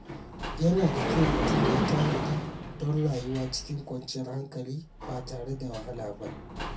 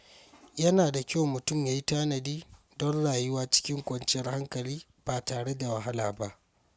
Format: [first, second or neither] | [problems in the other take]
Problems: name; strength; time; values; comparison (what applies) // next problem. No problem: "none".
second | background sound (Sliding door); 2 dB below the speech // room echo; dies away in 0.3 s